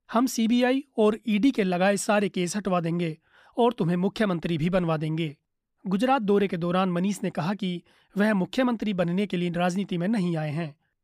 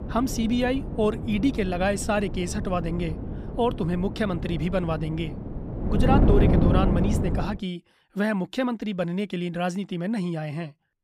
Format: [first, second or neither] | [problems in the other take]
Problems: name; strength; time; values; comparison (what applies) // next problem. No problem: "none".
first | wind noise on the microphone; heavy; until 7.5 s; 6 dB below the speech